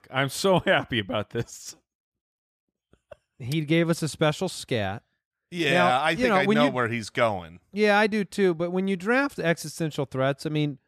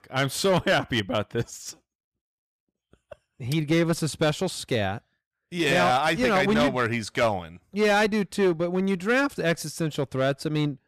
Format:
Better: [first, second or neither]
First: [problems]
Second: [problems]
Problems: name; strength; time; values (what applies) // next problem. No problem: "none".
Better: first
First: none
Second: distortion; slight; 6% of the sound clipped